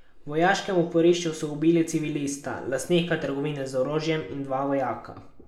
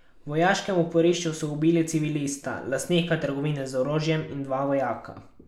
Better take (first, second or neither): second